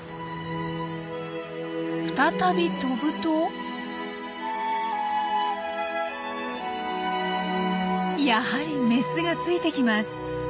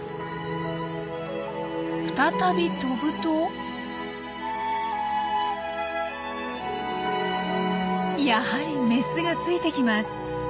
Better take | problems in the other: first | background sound (Piano); 11 dB below the speech

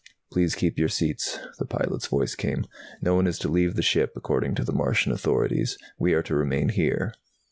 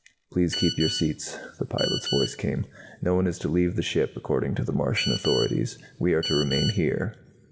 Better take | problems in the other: first | background sound (Telephone); 7 dB below the speech // room echo; dies away in 1.4 s

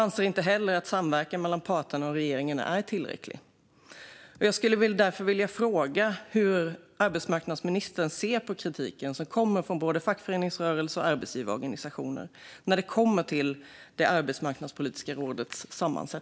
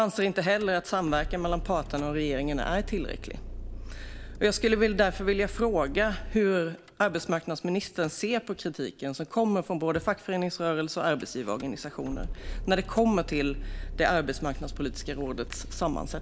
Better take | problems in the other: first | background sound (Idling / Engine starting / Door / Car); 10 dB below the speech

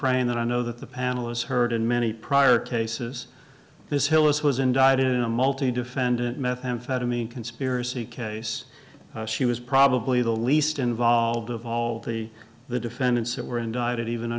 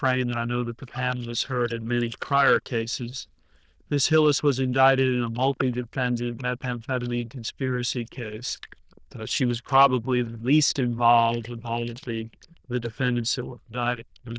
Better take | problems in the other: first | noise reduction (neural diffusion model UNIVERSE++)

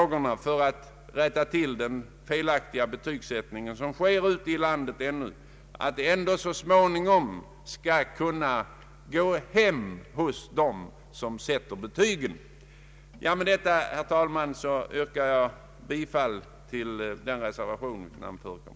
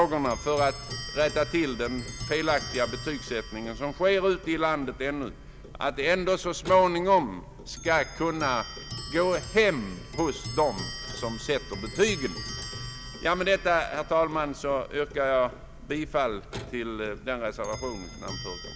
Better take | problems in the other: first | background sound (Clock); 12 dB below the speech

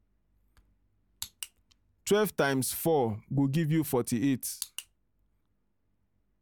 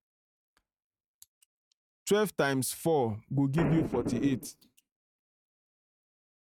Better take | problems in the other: first | noise reduction (neural mask model RNNoise)

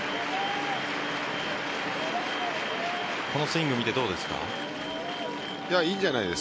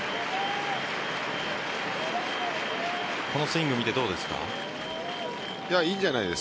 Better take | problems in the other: second | background sound (Bowed string instrument); 15 dB below the speech

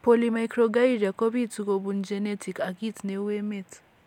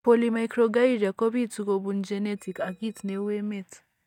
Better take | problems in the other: first | noise reduction (neural mask model DeepFilterNet 3)

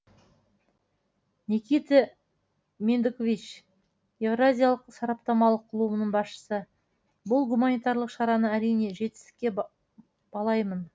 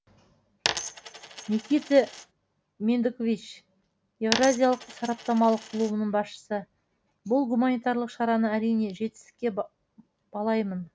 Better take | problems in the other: first | background sound (Coin (dropping)); 8 dB below the speech

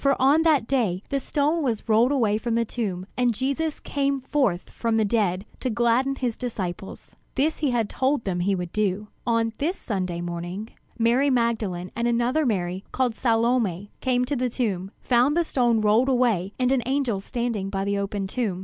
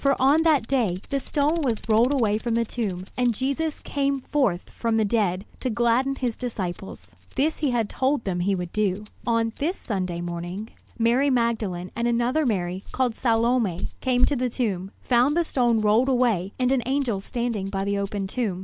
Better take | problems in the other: first | background sound (Rattle); 11 dB below the speech

